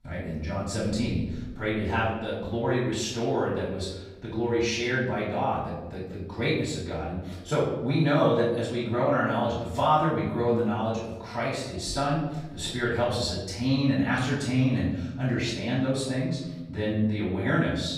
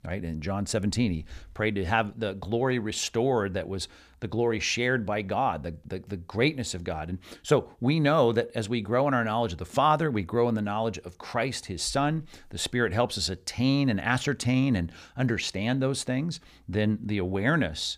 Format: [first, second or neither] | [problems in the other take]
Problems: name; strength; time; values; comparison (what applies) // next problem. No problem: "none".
second | off-mic speech; far // room echo; noticeable; dies away in 0.9 s